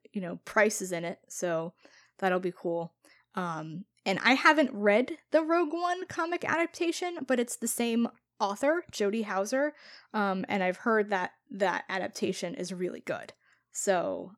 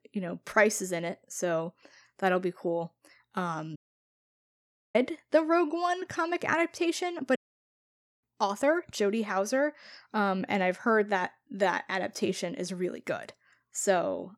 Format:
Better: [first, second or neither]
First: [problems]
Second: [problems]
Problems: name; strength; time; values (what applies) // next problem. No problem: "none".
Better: first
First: none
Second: audio cutting out; at 4 s for 1 s and at 7.5 s for 1 s